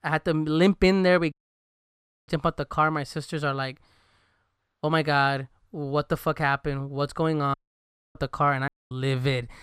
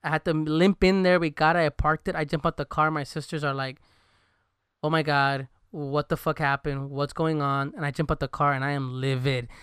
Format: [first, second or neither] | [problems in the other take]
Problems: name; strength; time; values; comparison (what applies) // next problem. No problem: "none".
second | audio cutting out; at 1.5 s for 1 s, at 7.5 s for 0.5 s and at 8.5 s